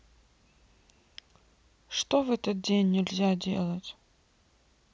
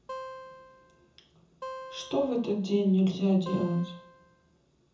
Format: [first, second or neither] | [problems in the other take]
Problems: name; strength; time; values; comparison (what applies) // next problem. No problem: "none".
first | background sound (Acoustic guitar); 14 dB below the speech // room echo; dies away in 0.6 s